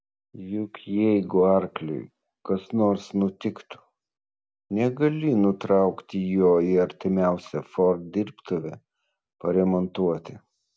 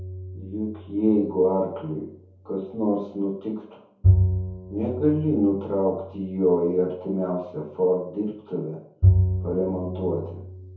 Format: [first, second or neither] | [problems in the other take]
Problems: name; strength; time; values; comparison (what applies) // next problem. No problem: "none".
first | background sound (Bowed string instrument); 2 dB below the speech // room echo; dies away in 0.6 s